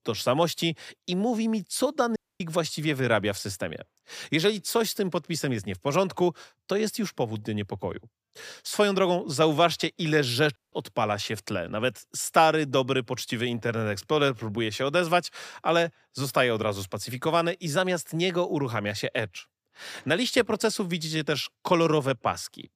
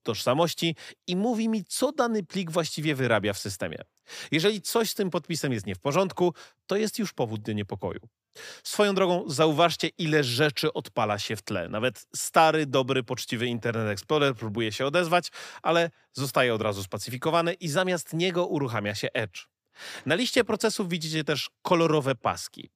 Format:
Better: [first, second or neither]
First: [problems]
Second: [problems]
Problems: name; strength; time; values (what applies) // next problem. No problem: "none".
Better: second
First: audio cutting out; at 2 s and at 11 s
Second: none